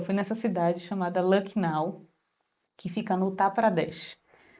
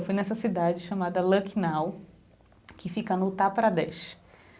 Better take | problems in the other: second | noise reduction (neural mask model Resemble Enhance denoiser)

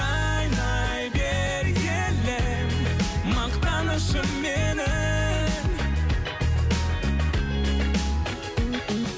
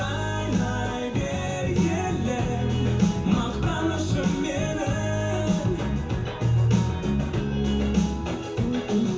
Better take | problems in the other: first | room echo; dies away in 0.7 s

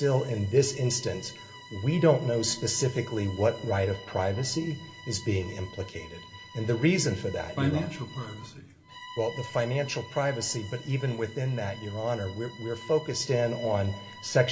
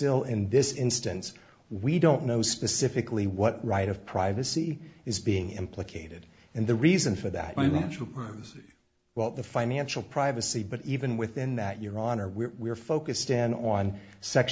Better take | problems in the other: second | background sound (Bowed string instrument); 18 dB below the speech // room echo; dies away in 2.8 s

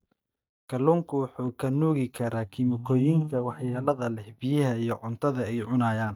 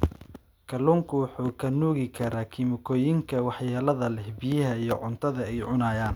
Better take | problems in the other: second | noise reduction (neural mask model DeepFilterNet 3)

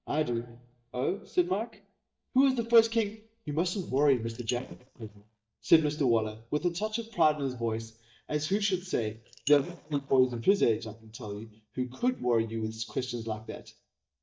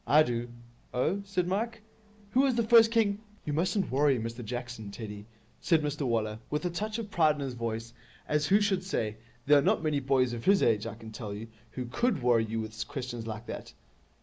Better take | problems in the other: second | noise reduction (neural mask model DeepFilterNet 3)

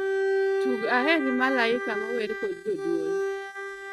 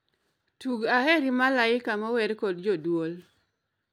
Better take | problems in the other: second | noise reduction (neural mask model RNNoise)

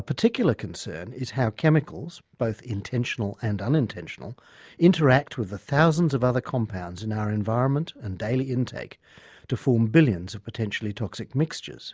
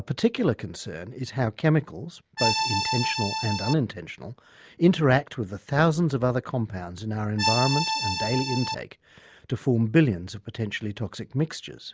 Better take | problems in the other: first | background sound (Accordion); 1 dB below the speech

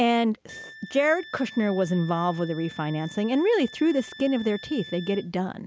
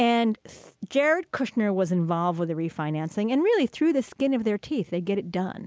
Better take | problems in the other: second | background sound (Wind instrument, woodwind instrument); 19 dB below the speech

